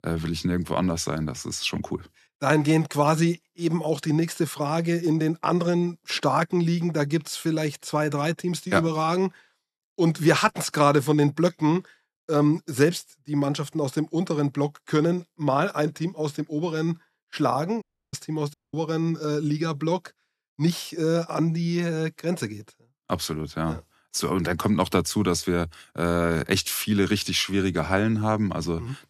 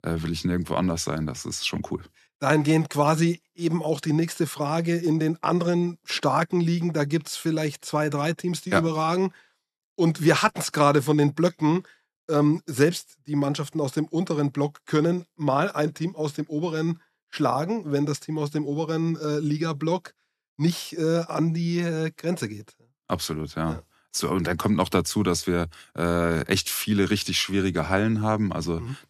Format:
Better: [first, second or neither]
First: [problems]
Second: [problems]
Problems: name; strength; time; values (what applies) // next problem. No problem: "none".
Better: second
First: audio cutting out; at 18 s and at 19 s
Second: none